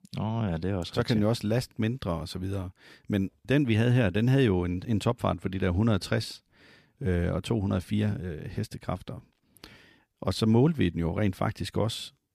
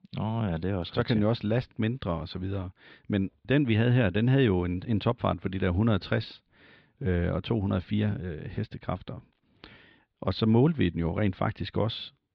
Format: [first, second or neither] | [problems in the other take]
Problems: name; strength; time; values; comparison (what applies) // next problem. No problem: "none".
first | muffled; very slightly; fading above 4 kHz